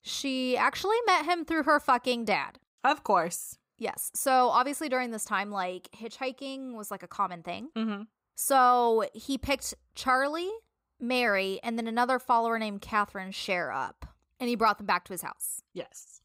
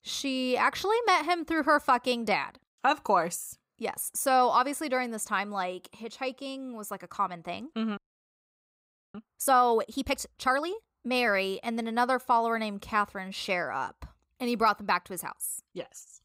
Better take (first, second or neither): first